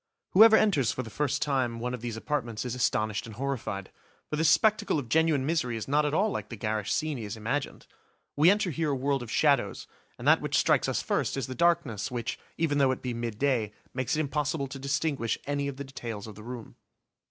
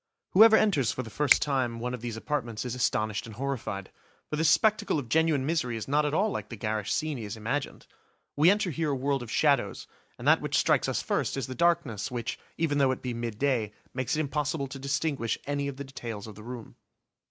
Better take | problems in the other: first | background sound (Finger snapping); 8 dB below the speech

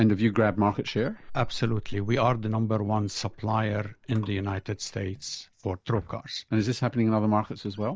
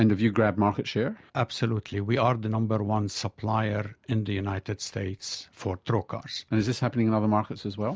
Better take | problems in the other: second | noise reduction (neural mask model DeepFilterNet 3)

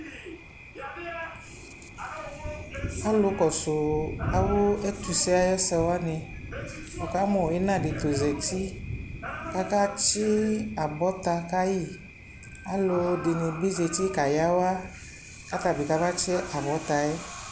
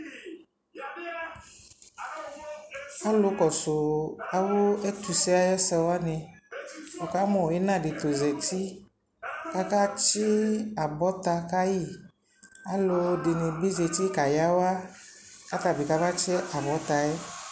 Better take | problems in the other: second | background sound (Thunder); 11 dB below the speech

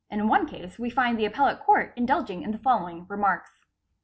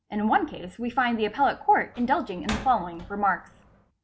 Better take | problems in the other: first | background sound (Slam); 15 dB below the speech

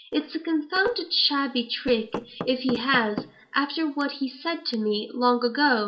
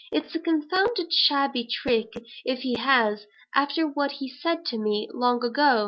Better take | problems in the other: second | background sound (Knock / Wood); 13 dB below the speech // room echo; dies away in 0.4 s

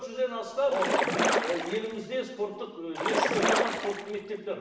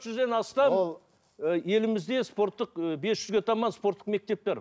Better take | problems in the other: second | background sound (Splash, splatter); 3 dB above the speech // room echo; dies away in 1 s

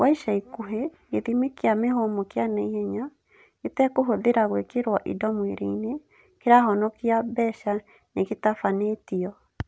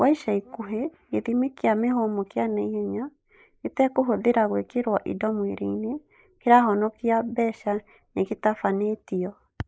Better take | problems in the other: first | noise reduction (neural mask model Resemble Enhance denoiser)

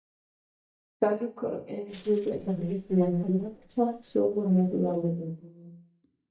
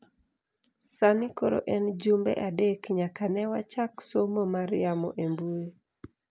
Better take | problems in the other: second | noise reduction (neural mask model DeepFilterNet 3)

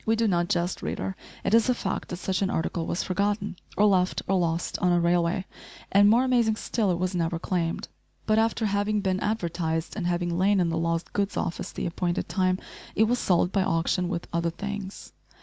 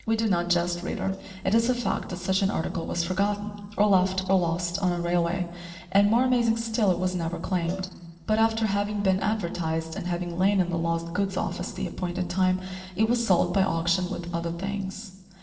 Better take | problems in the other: first | noise reduction (neural separator model SepFormer DNS4)

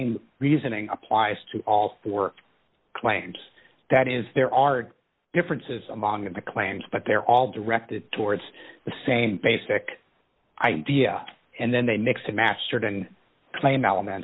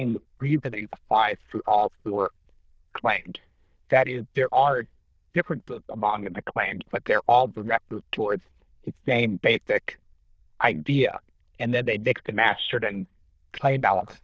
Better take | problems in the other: first | noise reduction (neural diffusion model UNIVERSE++)

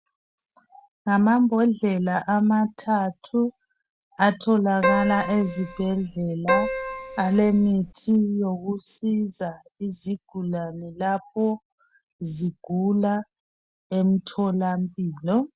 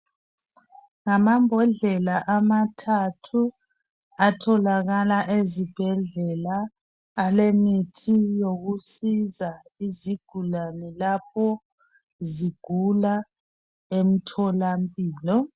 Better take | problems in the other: second | background sound (Keyboard (musical)); 4 dB below the speech

